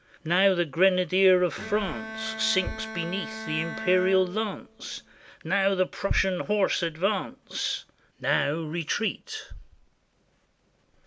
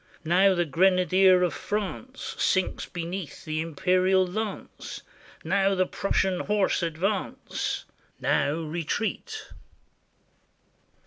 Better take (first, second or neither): second